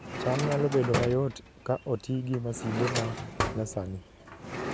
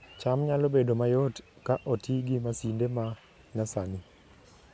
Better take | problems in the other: second | background sound (Drawer open or close); 4 dB below the speech

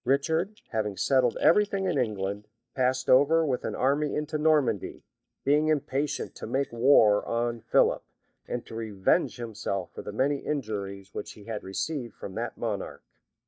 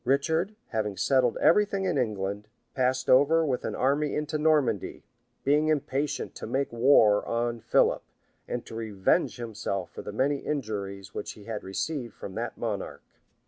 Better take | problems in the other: second | noise reduction (neural mask model DeepFilterNet 3)

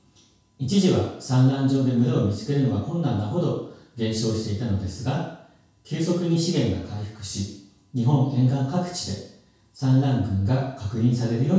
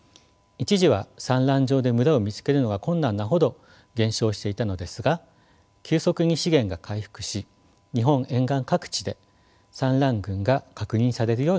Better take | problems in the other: second | room echo; dies away in 0.6 s

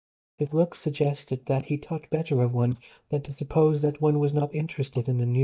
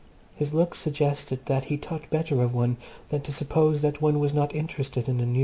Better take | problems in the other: second | noise reduction (neural mask model DeepFilterNet 3)

